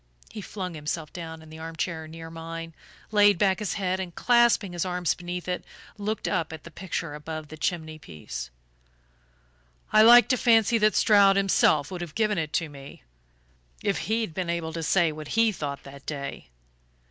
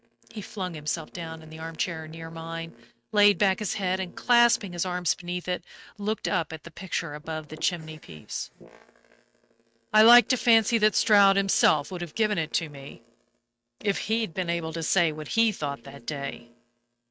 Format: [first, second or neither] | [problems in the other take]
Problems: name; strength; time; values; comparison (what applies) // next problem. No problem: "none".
first | noise reduction (neural mask model RNNoise)